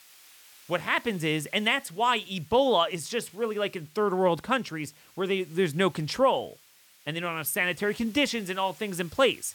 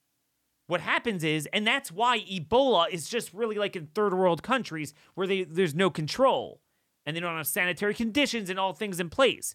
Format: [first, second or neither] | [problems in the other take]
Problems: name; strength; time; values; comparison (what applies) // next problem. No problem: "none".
second | hiss; faint; throughout; 25 dB below the speech